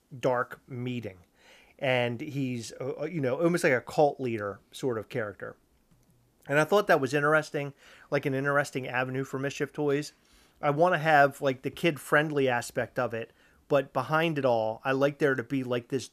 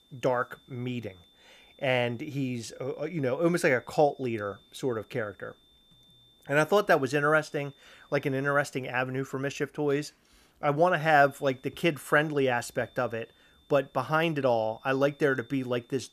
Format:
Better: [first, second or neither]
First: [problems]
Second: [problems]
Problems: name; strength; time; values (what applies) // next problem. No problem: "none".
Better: first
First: none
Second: high-pitched whine; faint; until 8.5 s and from 11 s on; 3.5 kHz, 30 dB below the speech